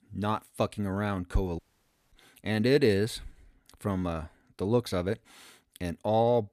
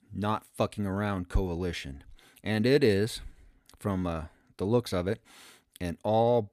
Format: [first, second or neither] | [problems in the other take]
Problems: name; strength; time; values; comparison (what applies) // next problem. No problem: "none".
second | audio cutting out; at 1.5 s for 0.5 s